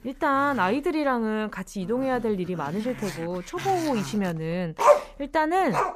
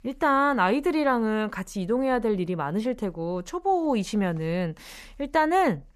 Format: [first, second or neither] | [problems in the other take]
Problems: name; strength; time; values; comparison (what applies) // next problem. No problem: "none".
second | animal sounds; loud; throughout; as loud as the speech